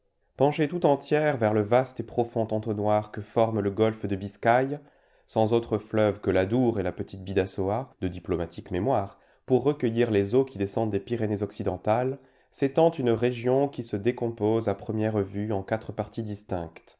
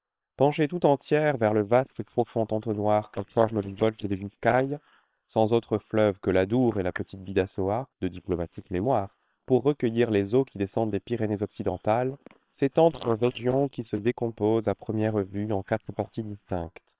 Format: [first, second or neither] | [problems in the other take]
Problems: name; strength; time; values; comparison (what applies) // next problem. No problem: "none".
first | noise reduction (neural separator model SepFormer WHAM!)